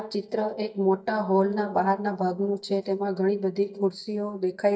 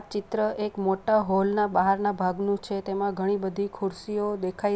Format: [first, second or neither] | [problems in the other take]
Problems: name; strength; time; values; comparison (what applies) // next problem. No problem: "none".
second | noise reduction (neural mask model DeepFilterNet 3)